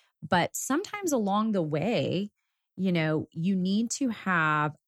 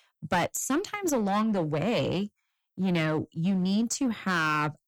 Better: first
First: none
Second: distortion; slight; 9% of the sound clipped

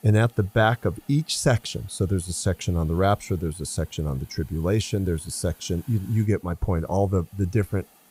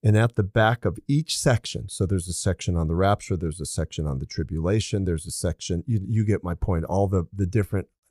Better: second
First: hiss; faint; throughout; 25 dB below the speech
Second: none

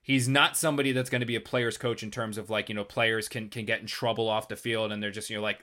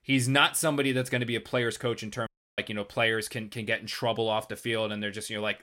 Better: first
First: none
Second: audio cutting out; at 2.5 s

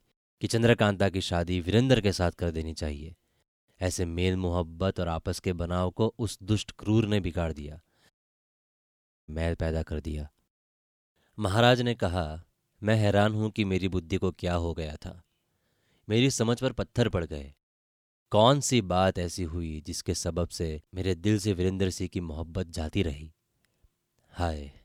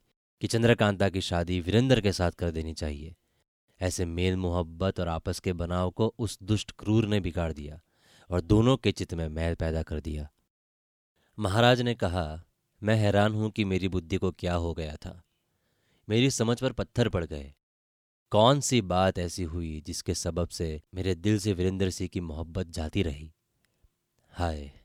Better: second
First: audio cutting out; at 8 s for 1 s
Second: none

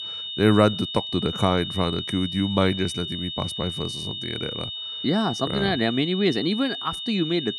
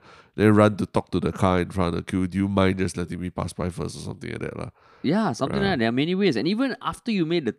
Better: second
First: high-pitched whine; loud; throughout; 3.5 kHz, 6 dB below the speech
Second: none

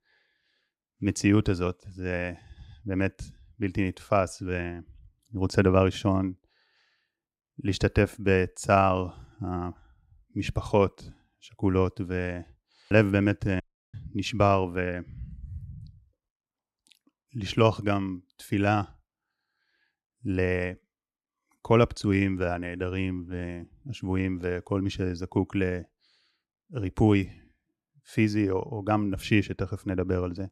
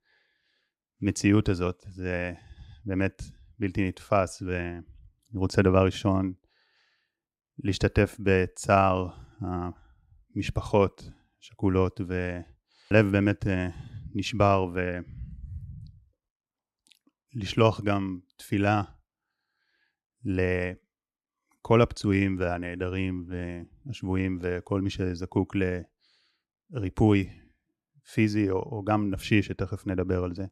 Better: second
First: audio cutting out; at 14 s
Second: none

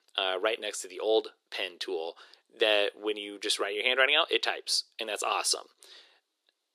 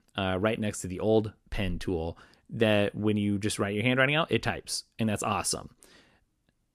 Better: second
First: thin; very; fading below 350 Hz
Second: none

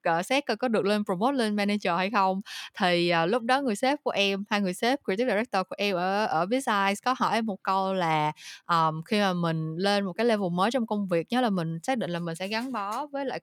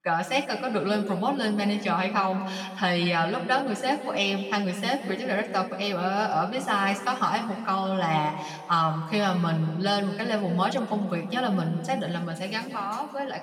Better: first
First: none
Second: room echo; noticeable; dies away in 1.8 s // off-mic speech; far

